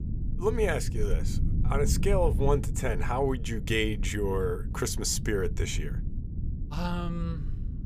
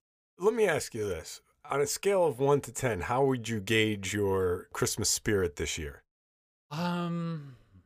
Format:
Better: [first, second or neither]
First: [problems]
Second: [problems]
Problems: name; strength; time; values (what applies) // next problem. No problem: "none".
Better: second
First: low rumble; noticeable; throughout; 15 dB below the speech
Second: none